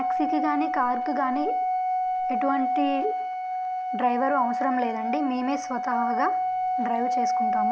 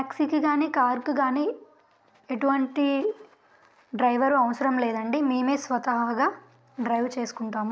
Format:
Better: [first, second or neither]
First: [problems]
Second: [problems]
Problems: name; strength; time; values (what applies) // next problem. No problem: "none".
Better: second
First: background sound (Organ); 2 dB above the speech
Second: none